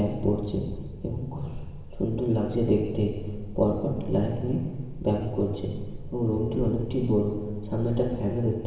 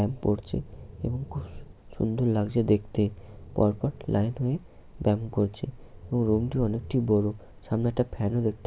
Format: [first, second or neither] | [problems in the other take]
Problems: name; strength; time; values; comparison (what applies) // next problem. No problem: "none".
second | room echo; dies away in 1.2 s